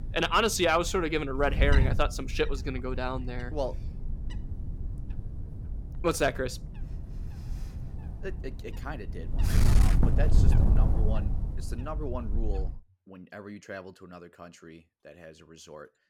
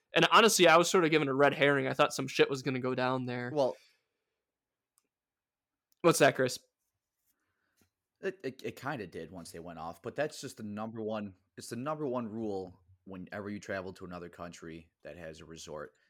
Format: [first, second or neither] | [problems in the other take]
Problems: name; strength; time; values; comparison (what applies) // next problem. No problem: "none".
second | wind noise on the microphone; occasional gusts; until 13 s; 15 dB below the speech